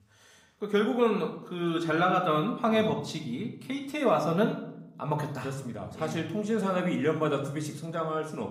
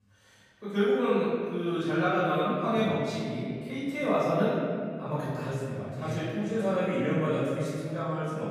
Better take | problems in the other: first | room echo; strong; dies away in 2.2 s; slight in the first // off-mic speech; far; somewhat distant in the first

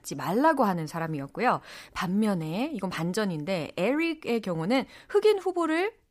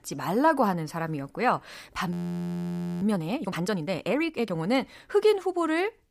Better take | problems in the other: first | audio freezing; at 2 s for 1 s

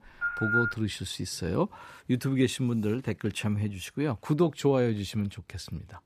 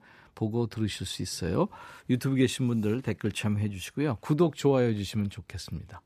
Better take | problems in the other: second | phone ringing; loud; at the start; peak 2 dB above the speech

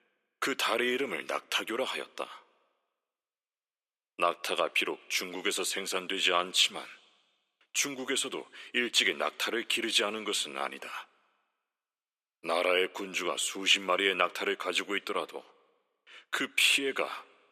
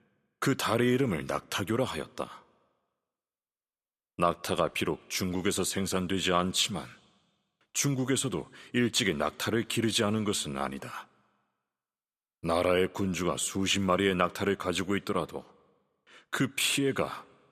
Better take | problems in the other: second | thin; somewhat; fading below 350 Hz

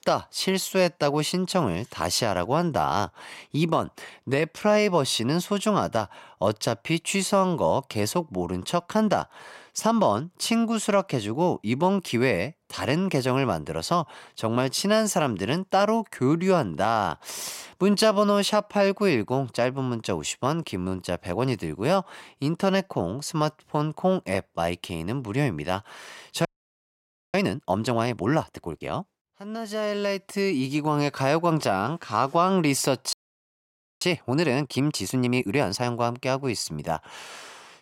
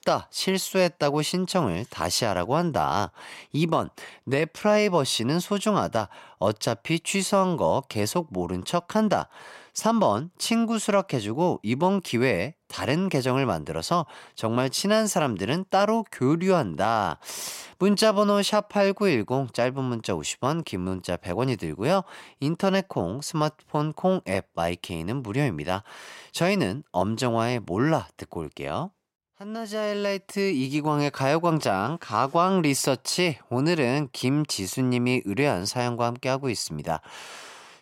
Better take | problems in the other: second | audio freezing; at 26 s for 1 s and at 33 s for 1 s

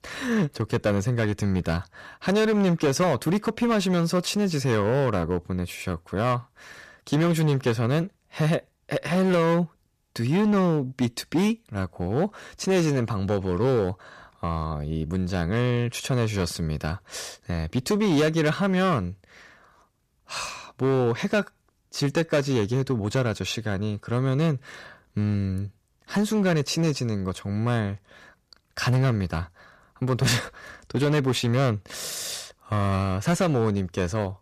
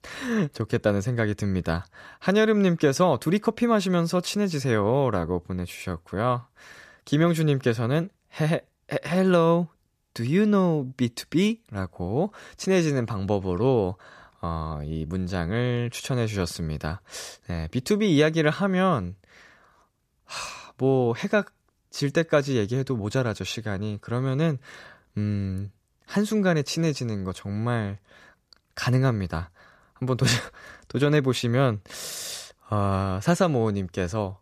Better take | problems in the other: second | distortion; slight; 8% of the sound clipped

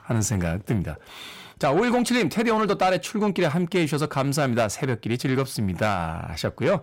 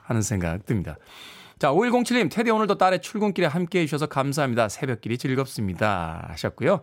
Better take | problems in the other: second | distortion; slight; 10 dB below the speech

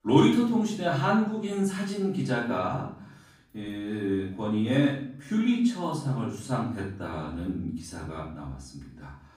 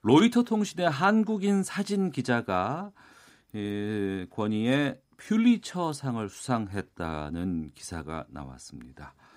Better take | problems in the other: second | off-mic speech; far // room echo; noticeable; dies away in 0.5 s

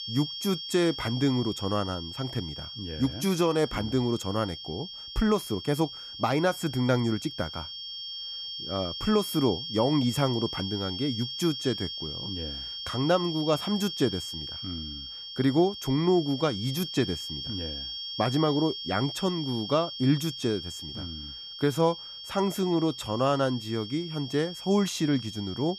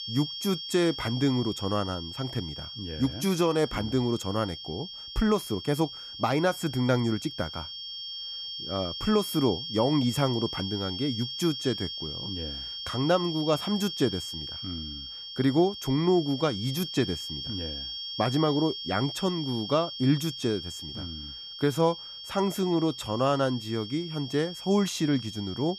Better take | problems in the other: neither | high-pitched whine; loud; throughout; 3 kHz, 7 dB below the speech; the same in both

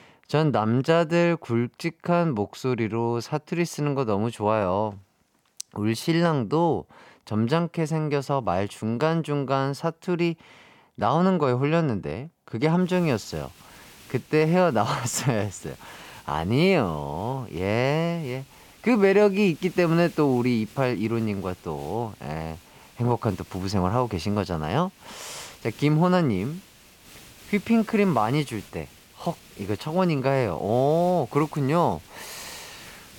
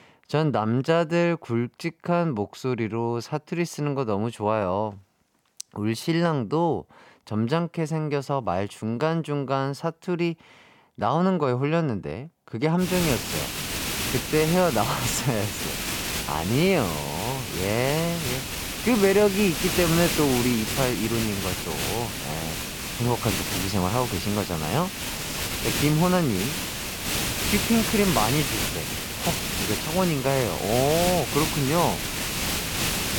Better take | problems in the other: first | hiss; loud; from 13 s on; 2 dB below the speech; faint in the first

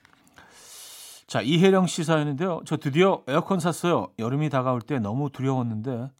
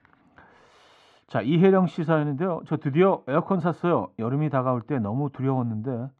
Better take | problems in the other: first | muffled; very; fading above 1.5 kHz

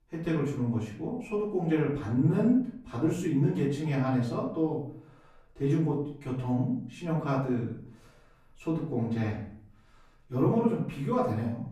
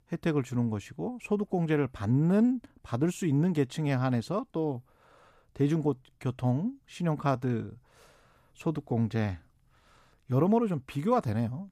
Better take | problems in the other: second | off-mic speech; far // room echo; noticeable; dies away in 0.5 s

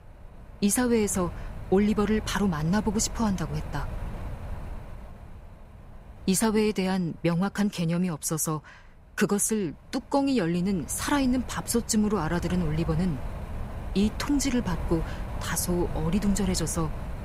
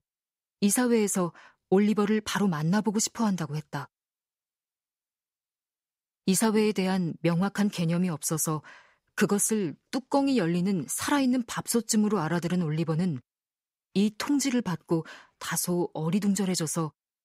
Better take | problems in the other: second | wind noise on the microphone; occasional gusts; 15 dB below the speech

